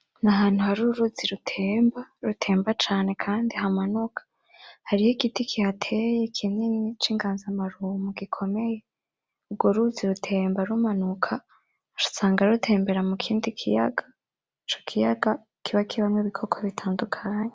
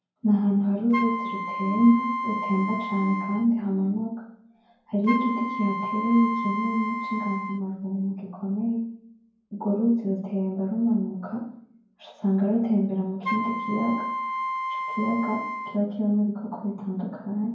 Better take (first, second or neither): first